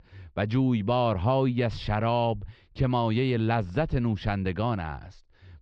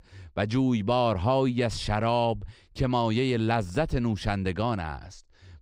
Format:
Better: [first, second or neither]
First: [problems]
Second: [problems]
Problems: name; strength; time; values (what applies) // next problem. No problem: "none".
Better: second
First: muffled; very slightly; fading above 4 kHz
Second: none